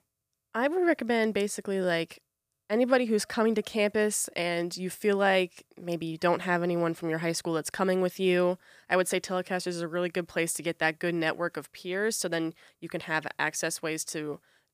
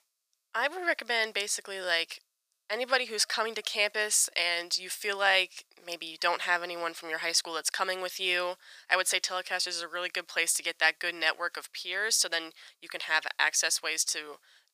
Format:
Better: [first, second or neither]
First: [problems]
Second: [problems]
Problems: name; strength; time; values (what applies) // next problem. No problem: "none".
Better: first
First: none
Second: thin; very; fading below 850 Hz